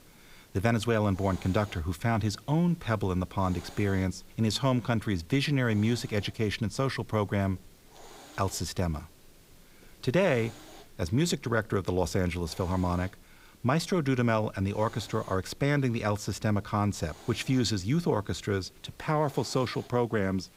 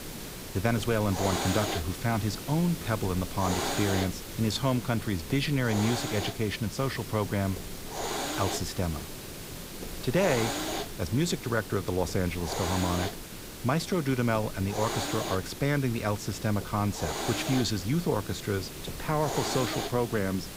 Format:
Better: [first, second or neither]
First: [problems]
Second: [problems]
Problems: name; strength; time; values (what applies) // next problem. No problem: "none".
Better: first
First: hiss; faint; throughout; 25 dB below the speech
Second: hiss; loud; throughout; 6 dB below the speech